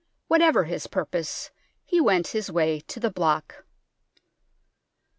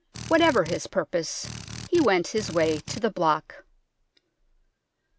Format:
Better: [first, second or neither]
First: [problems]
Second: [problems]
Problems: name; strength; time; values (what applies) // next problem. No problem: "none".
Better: first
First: none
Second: background sound (Drill); 11 dB below the speech